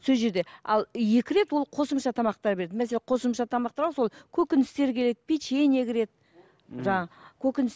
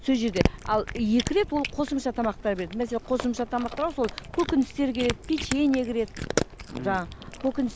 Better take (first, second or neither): first